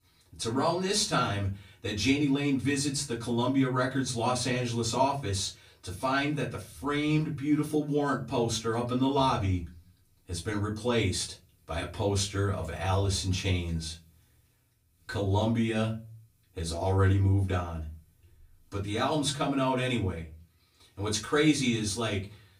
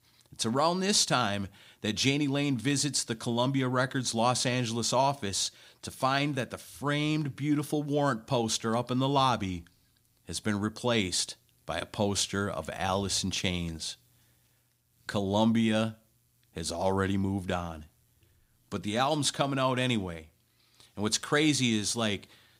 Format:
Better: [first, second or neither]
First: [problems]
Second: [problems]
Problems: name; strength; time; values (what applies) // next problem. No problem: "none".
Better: second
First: off-mic speech; far // room echo; very slight; dies away in 0.3 s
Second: none